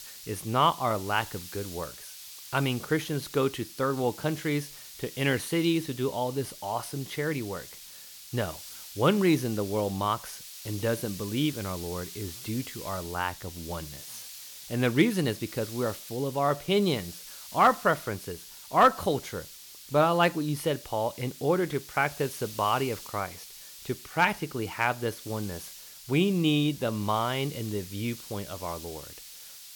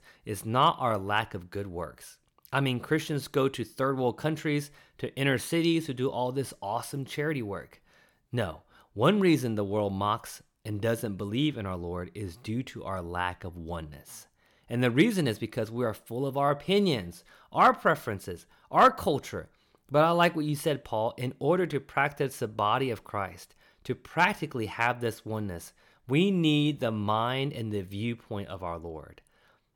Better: second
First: hiss; noticeable; throughout; 15 dB below the speech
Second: none

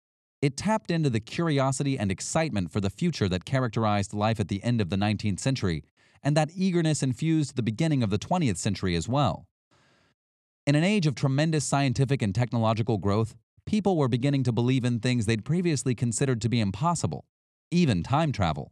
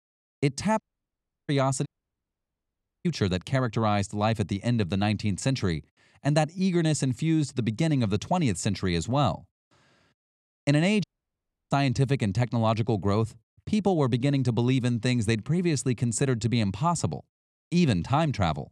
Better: first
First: none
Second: audio cutting out; at 1 s for 0.5 s, at 2 s for 1 s and at 11 s for 0.5 s

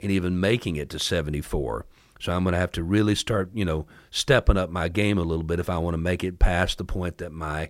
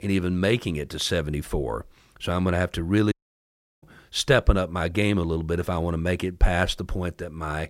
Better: first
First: none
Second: audio cutting out; at 3 s for 0.5 s

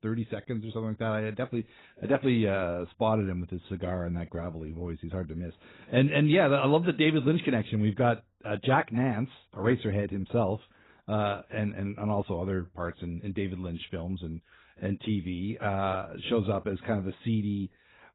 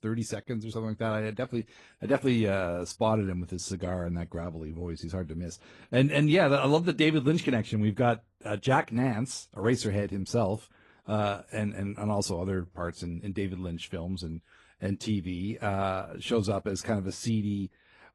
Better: second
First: garbled, watery; badly; nothing above 4 kHz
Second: garbled, watery; slightly; nothing above 11.5 kHz

